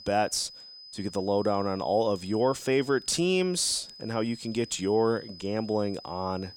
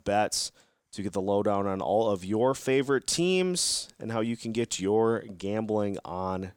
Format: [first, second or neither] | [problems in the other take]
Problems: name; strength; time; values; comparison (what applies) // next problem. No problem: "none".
second | high-pitched whine; noticeable; throughout; 5 kHz, 15 dB below the speech